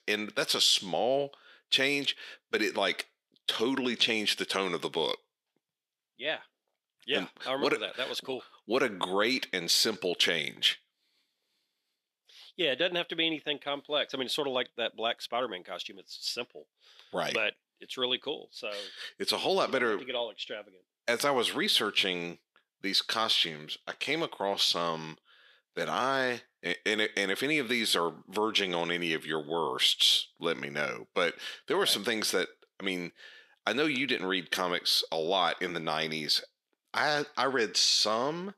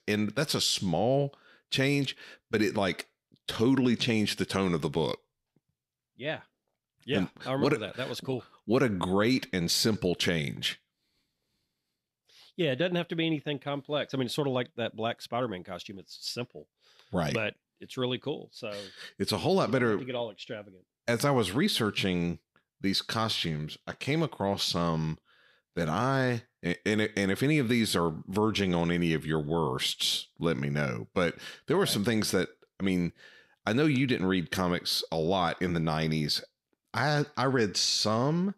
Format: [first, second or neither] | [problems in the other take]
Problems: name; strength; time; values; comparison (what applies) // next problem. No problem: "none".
second | thin; somewhat; fading below 400 Hz